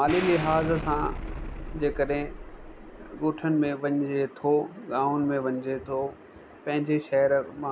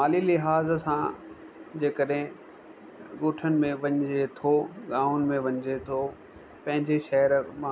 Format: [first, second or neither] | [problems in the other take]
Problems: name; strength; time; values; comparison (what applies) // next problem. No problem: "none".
second | background sound (Explosion); 9 dB below the speech